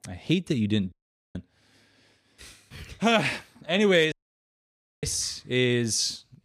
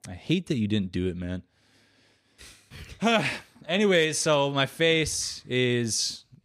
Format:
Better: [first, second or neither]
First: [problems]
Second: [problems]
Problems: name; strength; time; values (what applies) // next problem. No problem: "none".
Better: second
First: audio cutting out; at 1 s and at 4 s for 1 s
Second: none